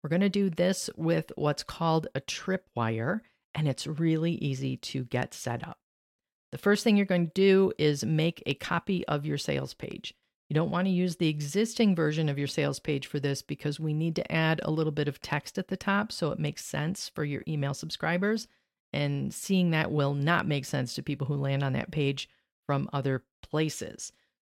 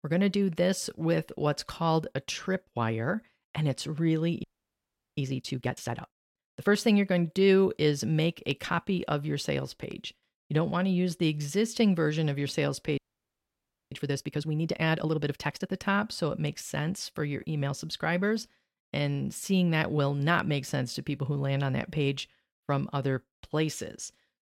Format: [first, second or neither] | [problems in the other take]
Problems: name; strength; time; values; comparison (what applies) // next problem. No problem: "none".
first | audio freezing; at 4.5 s for 0.5 s and at 13 s for 1 s